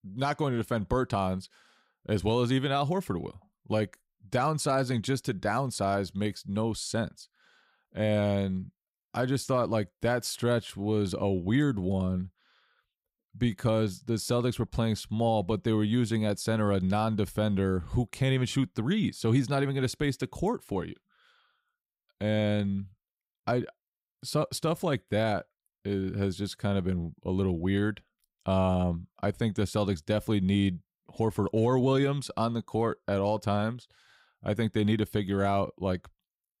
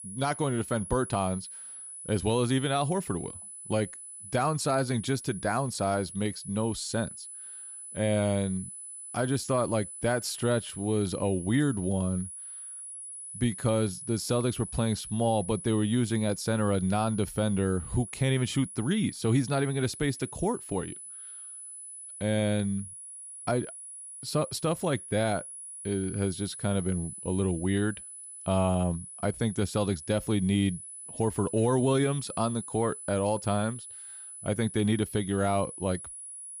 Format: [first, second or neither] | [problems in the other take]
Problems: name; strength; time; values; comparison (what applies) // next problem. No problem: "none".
first | high-pitched whine; noticeable; throughout; 10 kHz, 10 dB below the speech